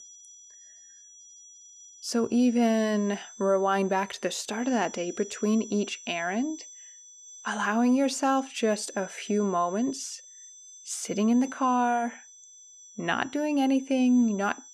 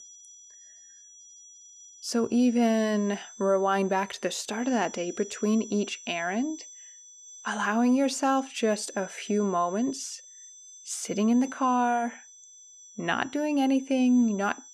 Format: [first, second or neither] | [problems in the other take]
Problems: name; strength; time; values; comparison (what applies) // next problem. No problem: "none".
neither | high-pitched whine; noticeable; throughout; 6 kHz, 20 dB below the speech; the same in both